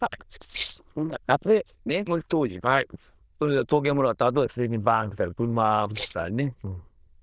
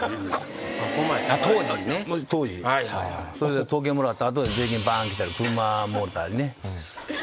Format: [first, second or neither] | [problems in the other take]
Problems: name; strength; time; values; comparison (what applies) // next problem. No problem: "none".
second | noise reduction (neural diffusion model UNIVERSE++)